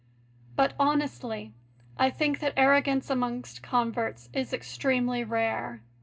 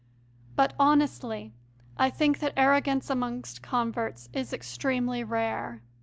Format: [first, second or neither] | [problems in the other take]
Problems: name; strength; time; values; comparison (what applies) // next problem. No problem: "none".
second | room echo; dies away in 0.2 s